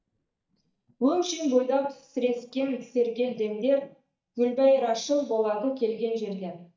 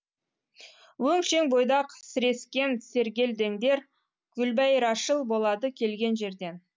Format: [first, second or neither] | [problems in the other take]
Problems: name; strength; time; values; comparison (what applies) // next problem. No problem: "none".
second | noise reduction (neural mask model DeepFilterNet 3)